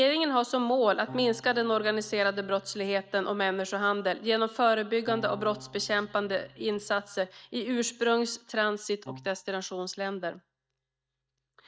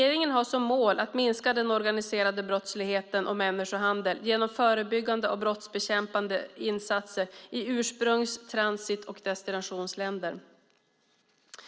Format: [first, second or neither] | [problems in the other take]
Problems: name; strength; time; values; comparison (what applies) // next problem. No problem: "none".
second | noise reduction (neural mask model DeepFilterNet 3)